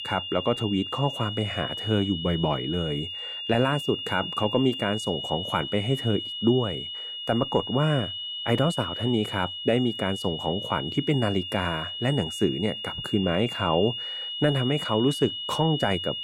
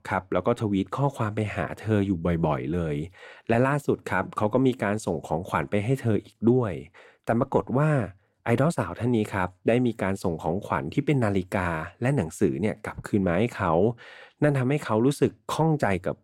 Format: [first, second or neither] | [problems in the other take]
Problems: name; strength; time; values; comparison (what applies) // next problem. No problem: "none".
second | high-pitched whine; loud; throughout; 3 kHz, 5 dB below the speech